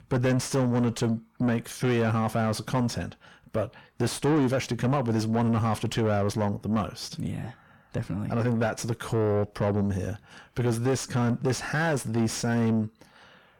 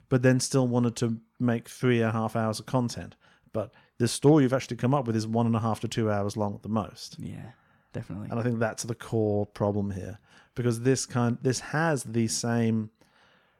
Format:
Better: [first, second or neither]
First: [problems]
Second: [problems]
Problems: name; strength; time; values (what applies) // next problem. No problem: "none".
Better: second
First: distortion; heavy; 6 dB below the speech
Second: none